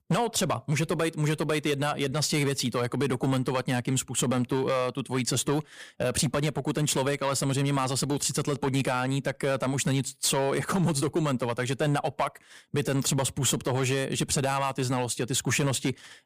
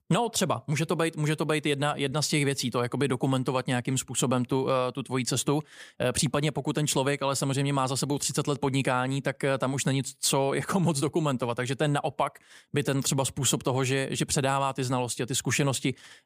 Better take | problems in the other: second | distortion; slight; 7% of the sound clipped

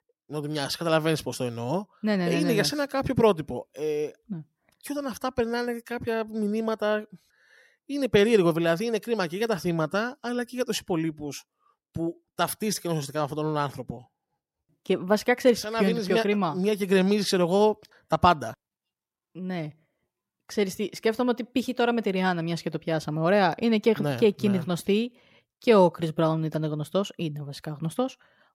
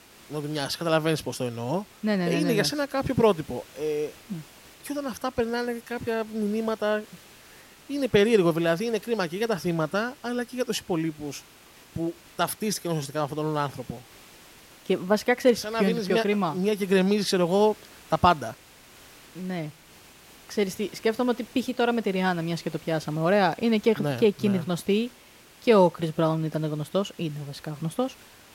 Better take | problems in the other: first | hiss; faint; throughout; 25 dB below the speech

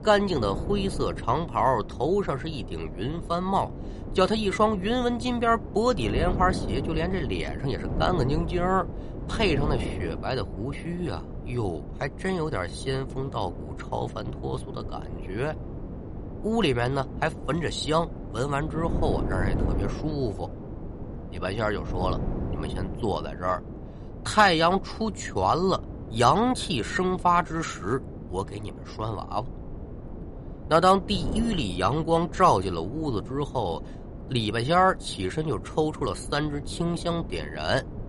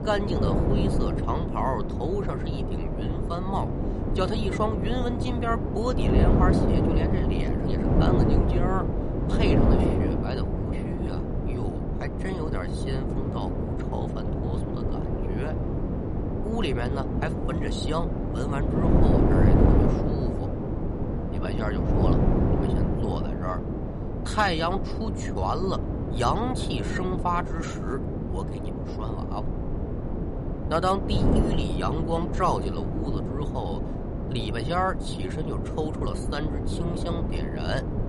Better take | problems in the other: first | wind noise on the microphone; heavy; 2 dB below the speech; occasional gusts in the first

